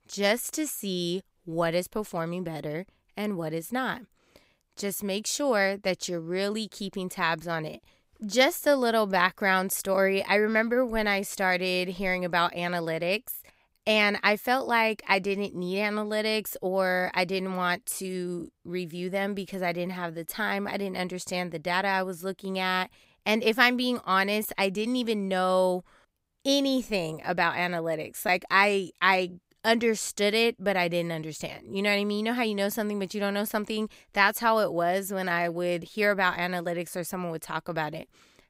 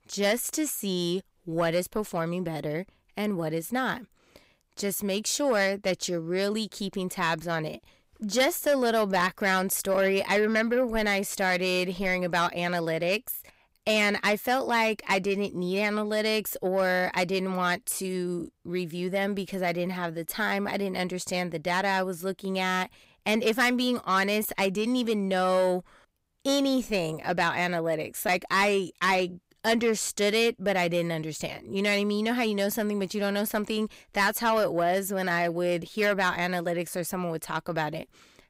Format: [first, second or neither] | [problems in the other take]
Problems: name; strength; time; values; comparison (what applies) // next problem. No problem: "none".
first | distortion; slight; 10 dB below the speech